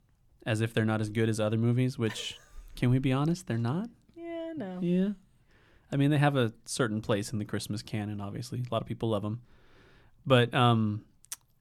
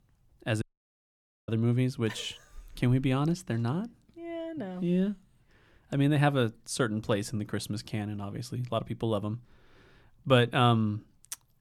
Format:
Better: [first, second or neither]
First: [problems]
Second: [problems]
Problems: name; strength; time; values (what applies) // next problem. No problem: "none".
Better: first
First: none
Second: audio cutting out; at 0.5 s for 1 s